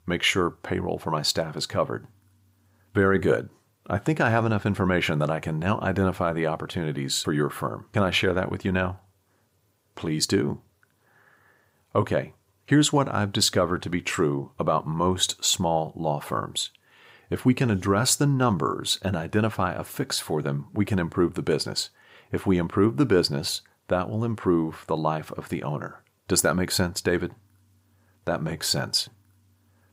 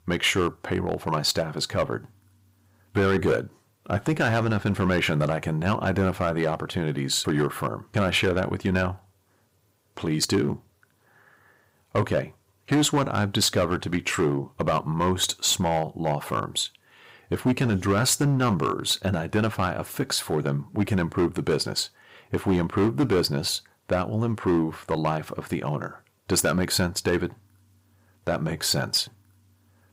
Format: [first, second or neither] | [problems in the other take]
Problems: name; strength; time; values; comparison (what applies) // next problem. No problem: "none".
first | distortion; slight; 5% of the sound clipped